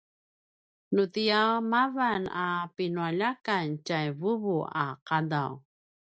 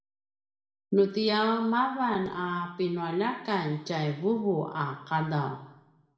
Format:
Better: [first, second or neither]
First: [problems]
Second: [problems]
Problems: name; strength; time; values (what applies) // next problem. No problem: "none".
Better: first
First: none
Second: room echo; dies away in 0.8 s